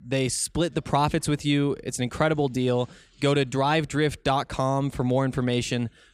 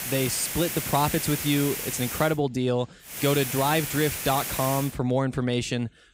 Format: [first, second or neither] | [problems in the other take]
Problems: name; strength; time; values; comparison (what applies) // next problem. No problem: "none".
first | hiss; loud; until 2.5 s and from 3 to 5 s; 4 dB below the speech